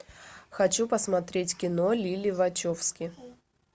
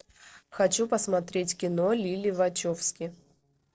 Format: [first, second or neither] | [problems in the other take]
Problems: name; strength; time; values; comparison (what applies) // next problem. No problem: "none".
first | noise reduction (neural separator model SepFormer DNS4)